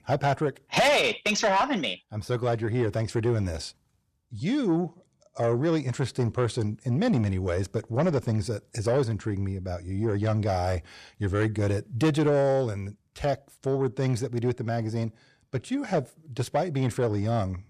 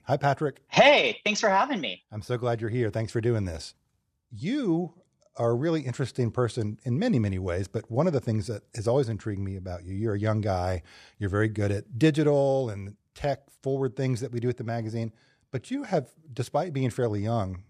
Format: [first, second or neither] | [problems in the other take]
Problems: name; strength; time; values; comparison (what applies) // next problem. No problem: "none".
second | distortion; slight; 10 dB below the speech